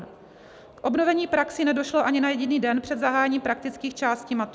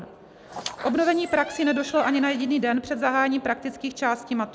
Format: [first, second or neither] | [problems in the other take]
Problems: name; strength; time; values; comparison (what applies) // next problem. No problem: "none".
first | background sound (Squeak); 15 dB below the speech